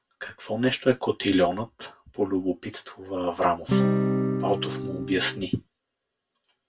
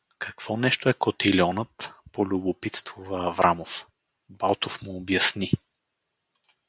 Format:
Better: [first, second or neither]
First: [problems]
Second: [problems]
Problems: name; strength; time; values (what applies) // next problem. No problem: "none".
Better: second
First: background sound (Acoustic guitar / Strum); 3 dB above the speech // room echo; dies away in 0.1 s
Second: none